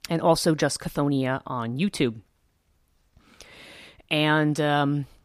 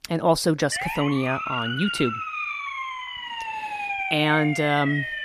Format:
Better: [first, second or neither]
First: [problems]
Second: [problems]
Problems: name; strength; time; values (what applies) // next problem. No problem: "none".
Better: first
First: none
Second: siren; noticeable; from 0.5 s on; peak 3 dB below the speech